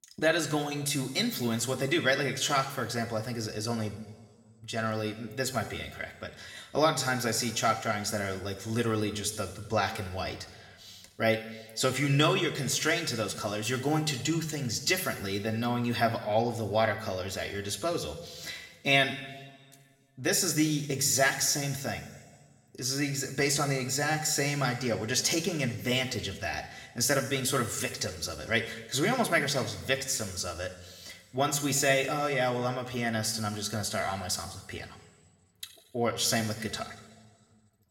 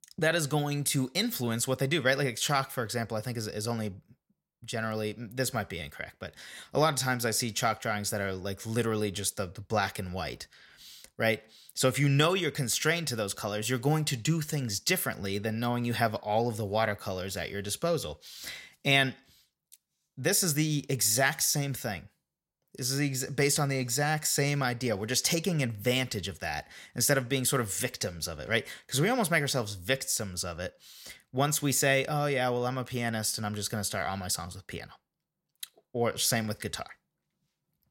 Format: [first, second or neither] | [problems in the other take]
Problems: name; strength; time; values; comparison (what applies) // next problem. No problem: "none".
second | room echo; slight; dies away in 1.4 s